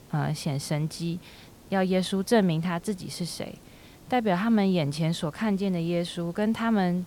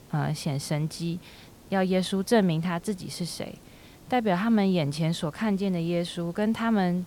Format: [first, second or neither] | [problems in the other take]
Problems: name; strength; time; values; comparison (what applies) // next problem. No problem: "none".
neither | hiss; faint; throughout; 25 dB below the speech; the same in both